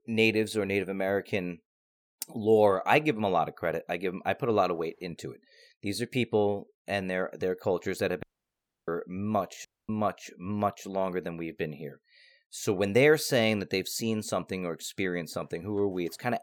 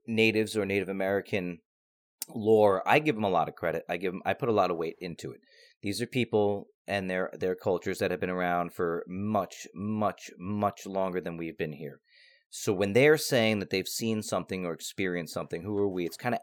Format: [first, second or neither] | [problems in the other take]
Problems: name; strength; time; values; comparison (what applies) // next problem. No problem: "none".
second | audio cutting out; at 8 s for 0.5 s and at 9.5 s